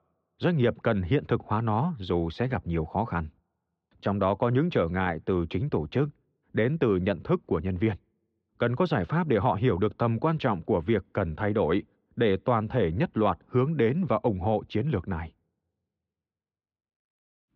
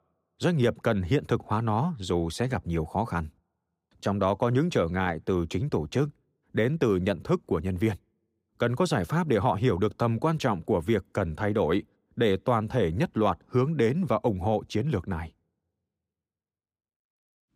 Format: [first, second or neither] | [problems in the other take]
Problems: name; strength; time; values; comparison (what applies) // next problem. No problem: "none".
second | muffled; slightly; fading above 3.5 kHz